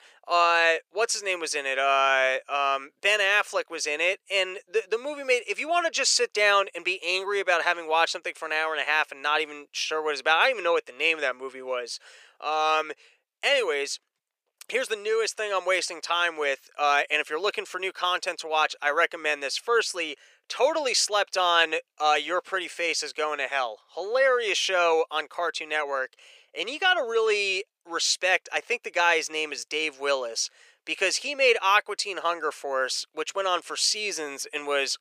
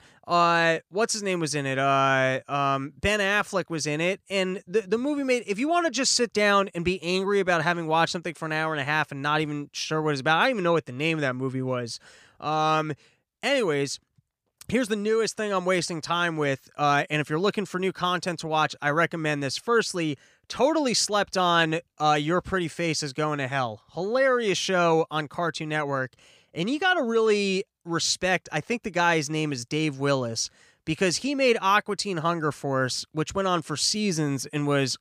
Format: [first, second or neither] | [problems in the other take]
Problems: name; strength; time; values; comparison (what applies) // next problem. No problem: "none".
second | thin; very; fading below 450 Hz